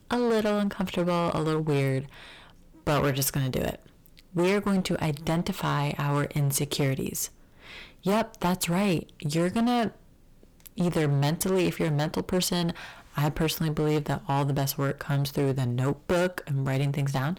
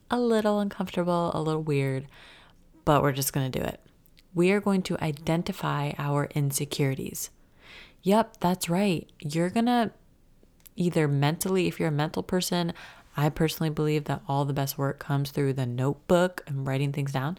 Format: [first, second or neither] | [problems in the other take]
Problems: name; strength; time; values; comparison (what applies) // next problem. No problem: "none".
second | distortion; heavy; 12% of the sound clipped